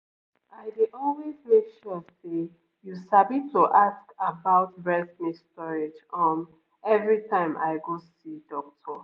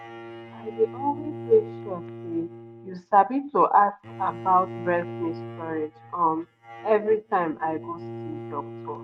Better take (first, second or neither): first